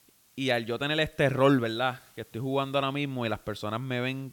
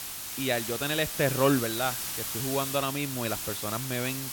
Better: first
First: hiss; faint; throughout; 30 dB below the speech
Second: hiss; loud; throughout; 3 dB below the speech

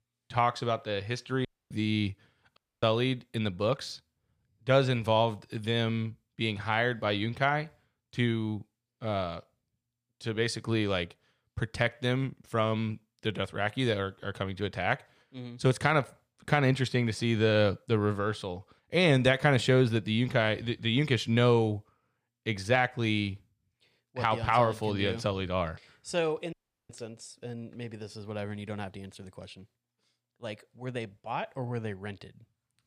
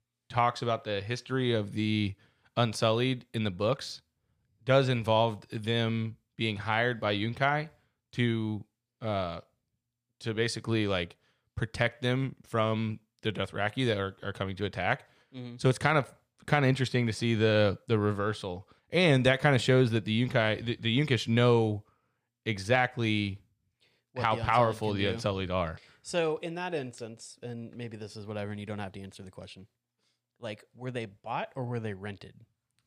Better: second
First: audio cutting out; at 1.5 s, at 2.5 s and at 27 s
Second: none

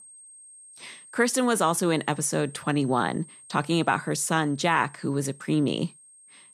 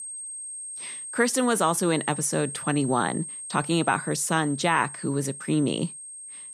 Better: first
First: high-pitched whine; faint; throughout; 8.5 kHz, 20 dB below the speech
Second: high-pitched whine; loud; throughout; 8.5 kHz, 9 dB below the speech

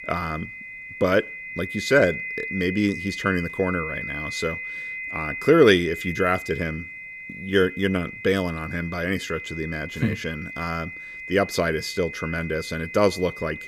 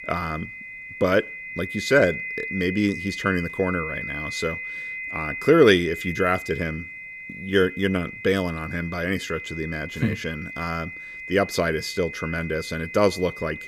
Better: neither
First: high-pitched whine; loud; throughout; 2 kHz, 9 dB below the speech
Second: high-pitched whine; loud; throughout; 2 kHz, 9 dB below the speech

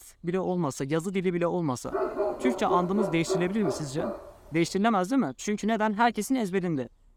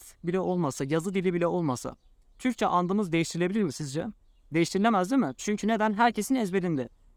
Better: second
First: dog barking; noticeable; from 2 to 4 s; peak 1 dB below the speech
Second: none

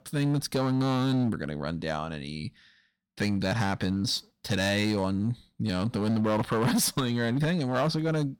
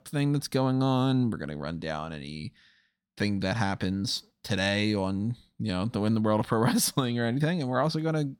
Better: second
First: distortion; slight; 9% of the sound clipped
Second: none

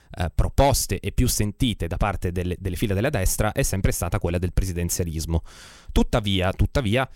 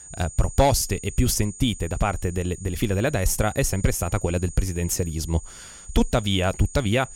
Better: first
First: none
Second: high-pitched whine; noticeable; throughout; 7 kHz, 15 dB below the speech

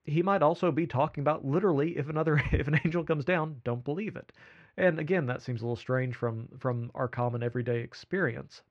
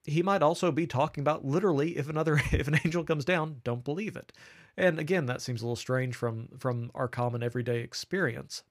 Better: second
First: muffled; slightly; fading above 2.5 kHz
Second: none

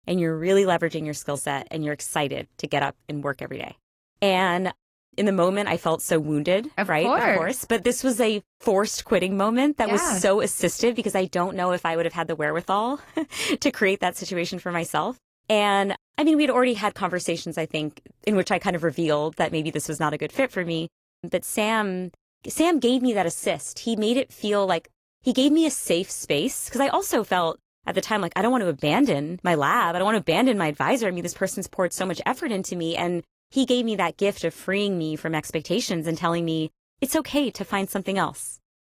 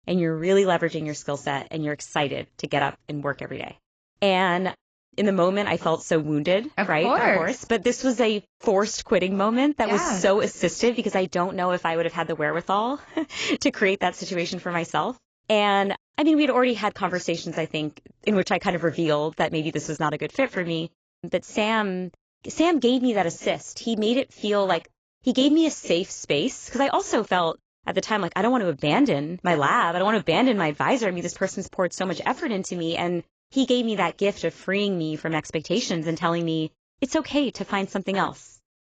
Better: first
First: garbled, watery; slightly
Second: garbled, watery; badly; nothing above 7.5 kHz

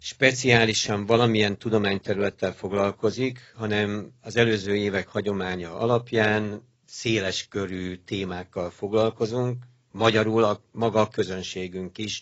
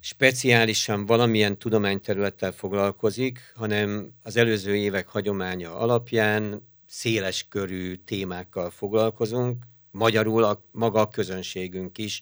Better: second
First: garbled, watery; badly; nothing above 7.5 kHz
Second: none

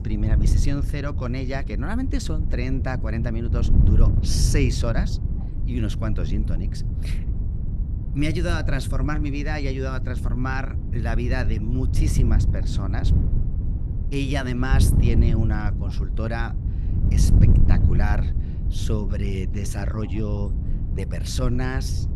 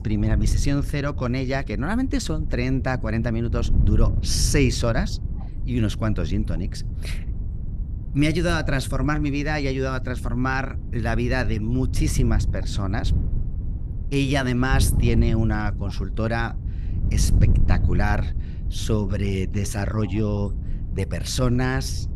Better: second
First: wind noise on the microphone; heavy; 7 dB below the speech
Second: wind noise on the microphone; occasional gusts; 15 dB below the speech

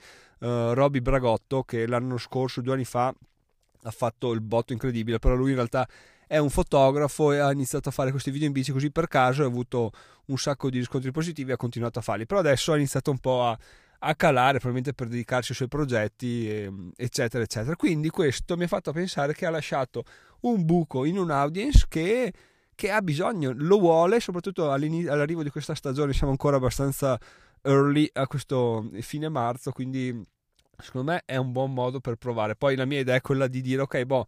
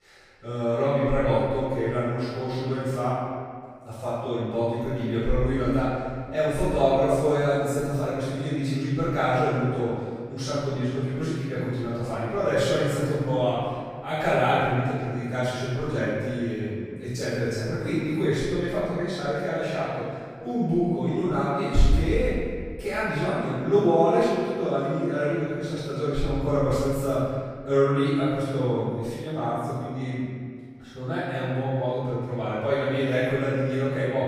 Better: first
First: none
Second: room echo; strong; dies away in 1.8 s // off-mic speech; far

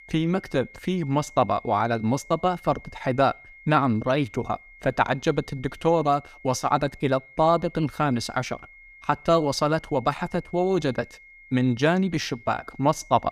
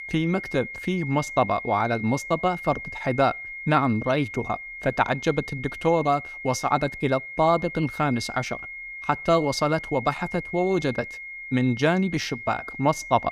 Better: first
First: high-pitched whine; faint; throughout; 2 kHz, 20 dB below the speech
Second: high-pitched whine; loud; throughout; 2 kHz, 10 dB below the speech

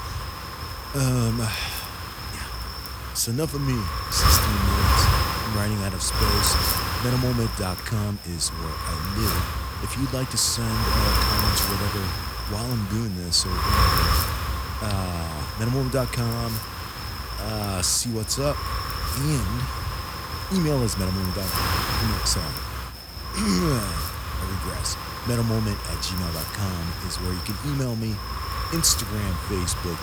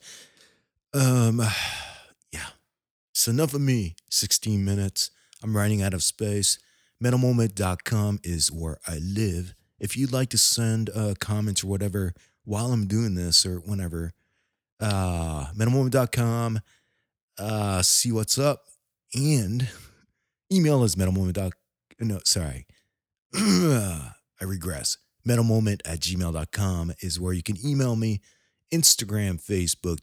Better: second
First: wind noise on the microphone; heavy; 1 dB above the speech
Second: none

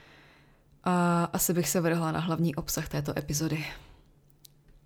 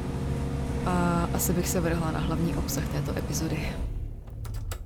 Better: first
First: none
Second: traffic noise; loud; throughout; 2 dB below the speech

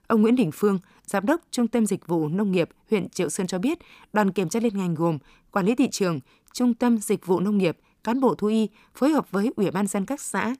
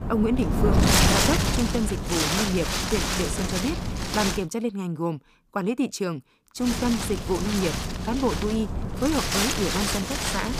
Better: first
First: none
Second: wind noise on the microphone; heavy; until 4.5 s and from 6.5 s on; 4 dB above the speech

